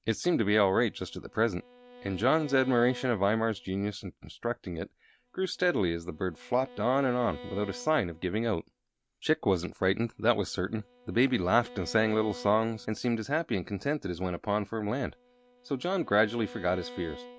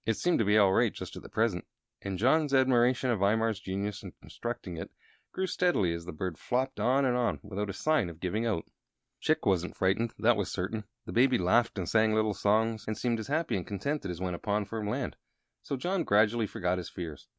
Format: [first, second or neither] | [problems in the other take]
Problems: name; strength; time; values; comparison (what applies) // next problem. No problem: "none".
second | background sound (Bowed string instrument); 20 dB below the speech